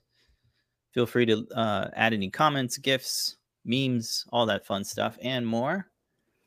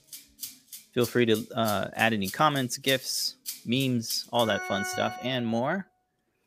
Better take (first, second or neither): first